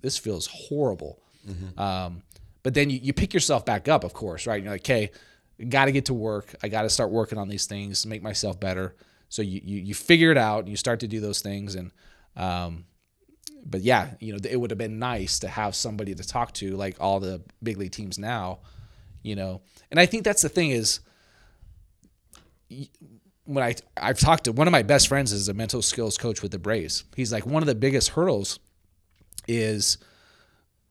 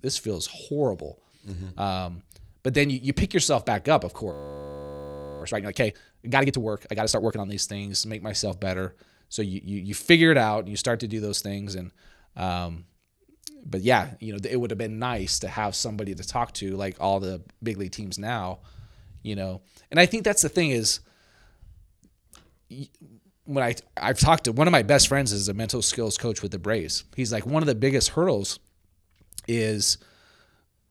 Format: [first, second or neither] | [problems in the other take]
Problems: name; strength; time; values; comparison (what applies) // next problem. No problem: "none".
first | audio freezing; at 4.5 s for 1 s